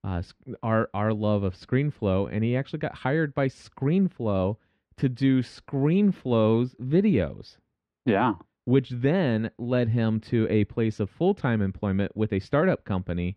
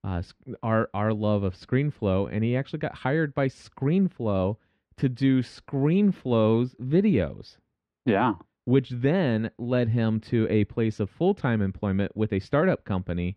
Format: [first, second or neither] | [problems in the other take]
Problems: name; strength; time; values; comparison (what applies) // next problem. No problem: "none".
neither | muffled; very; fading above 2 kHz; the same in both